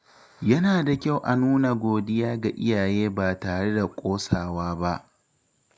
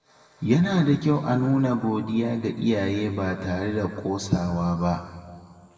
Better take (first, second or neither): first